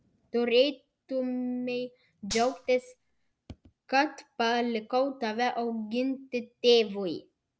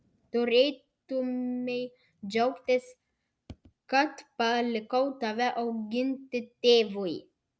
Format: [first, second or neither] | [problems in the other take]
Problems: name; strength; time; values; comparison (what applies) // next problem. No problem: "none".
second | background sound (Gunshot, gunfire); 13 dB below the speech